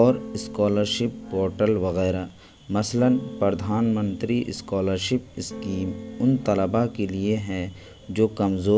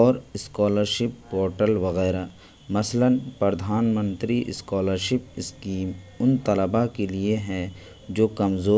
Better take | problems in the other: second | background sound (Electric guitar / Strum); 14 dB below the speech

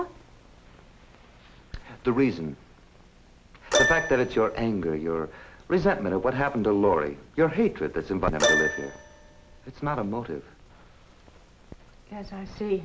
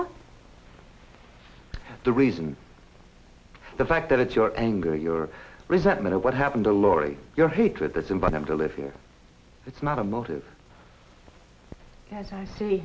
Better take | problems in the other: second | background sound (Keyboard (musical)); 3 dB below the speech

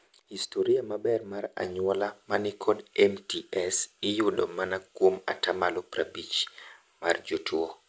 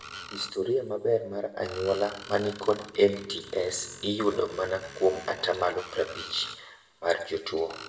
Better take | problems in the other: first | background sound (Screech); 17 dB below the speech // room echo; dies away in 0.6 s

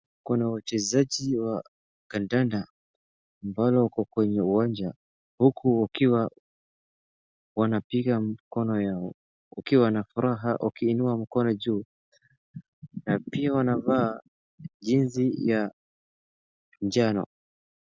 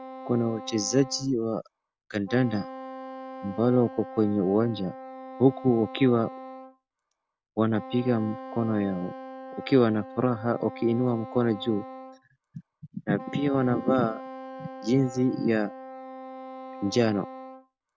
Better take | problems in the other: first | background sound (Wind instrument, woodwind instrument); 14 dB below the speech

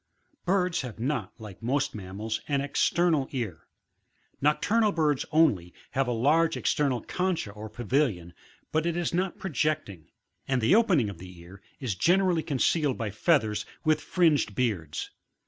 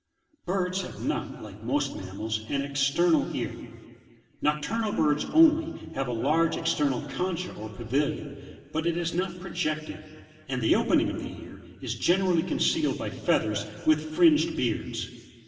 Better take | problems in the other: first | room echo; dies away in 2 s

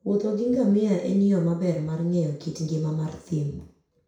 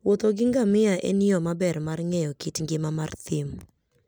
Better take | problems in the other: second | room echo; dies away in 0.6 s

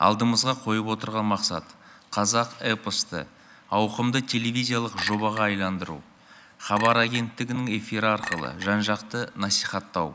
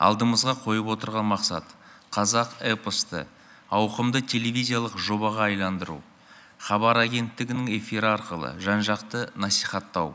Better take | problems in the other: second | background sound (Chink, clink); 12 dB below the speech

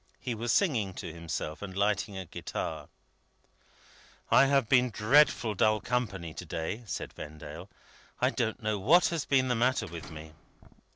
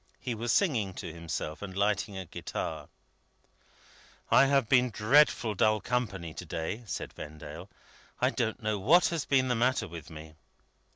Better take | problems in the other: second | background sound (Slam); 18 dB below the speech

